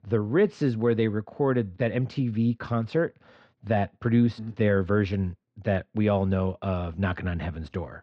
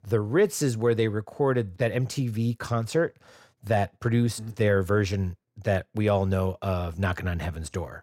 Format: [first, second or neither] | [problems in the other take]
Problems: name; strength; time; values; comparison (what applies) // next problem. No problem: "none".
second | muffled; slightly; fading above 4 kHz